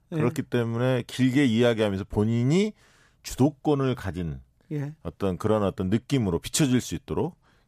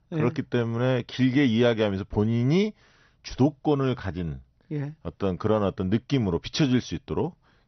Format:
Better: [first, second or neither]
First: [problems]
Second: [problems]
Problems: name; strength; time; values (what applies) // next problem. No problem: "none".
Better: first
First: none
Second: garbled, watery; slightly; nothing above 6 kHz